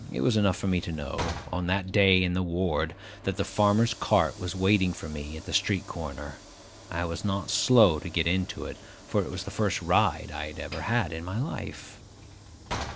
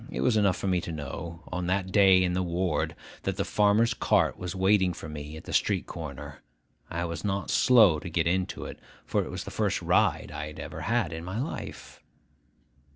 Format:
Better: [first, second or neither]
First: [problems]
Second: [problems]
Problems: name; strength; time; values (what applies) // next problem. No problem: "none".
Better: second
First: background sound (Sliding door / Train); 16 dB below the speech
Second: none